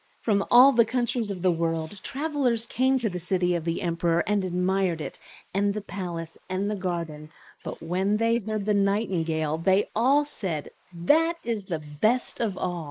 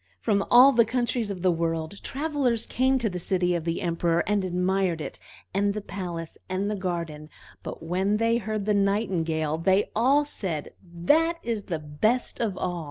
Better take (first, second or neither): second